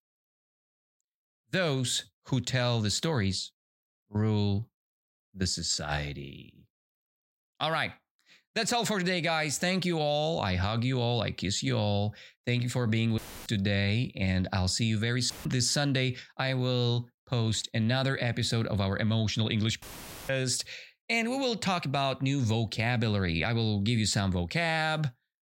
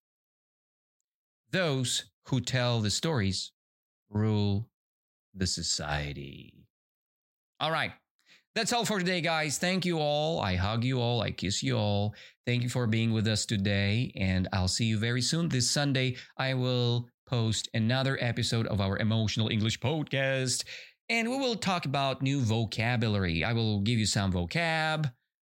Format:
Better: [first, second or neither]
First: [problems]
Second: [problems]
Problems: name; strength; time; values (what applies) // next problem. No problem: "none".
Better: second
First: audio cutting out; filled with static; at 13 s, at 15 s and at 20 s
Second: none